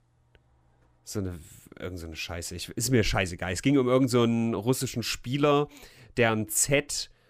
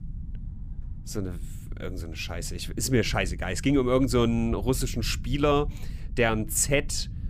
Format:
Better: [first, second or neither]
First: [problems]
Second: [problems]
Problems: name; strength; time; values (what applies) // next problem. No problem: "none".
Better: first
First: none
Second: low rumble; faint; throughout; 25 dB below the speech